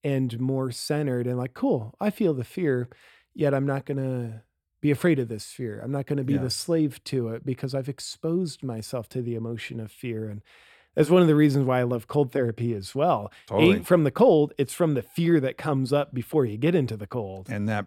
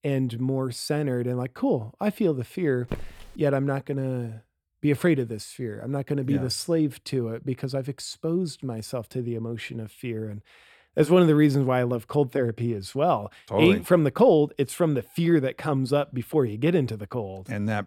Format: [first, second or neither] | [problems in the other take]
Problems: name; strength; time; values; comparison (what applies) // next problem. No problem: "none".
first | footsteps; faint; at 3 s; peak 10 dB below the speech